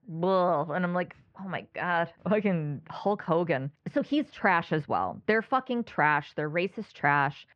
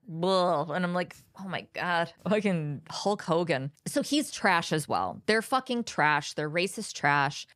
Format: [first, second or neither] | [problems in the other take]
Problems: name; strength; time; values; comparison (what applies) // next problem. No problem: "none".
second | muffled; very; fading above 2.5 kHz